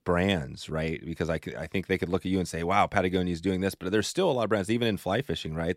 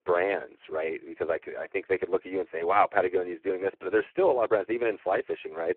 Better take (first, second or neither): first